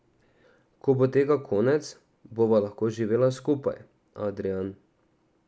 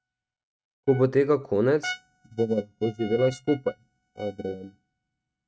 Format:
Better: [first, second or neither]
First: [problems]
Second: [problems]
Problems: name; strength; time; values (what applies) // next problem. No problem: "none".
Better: first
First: none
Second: noise reduction (neural mask model RNNoise)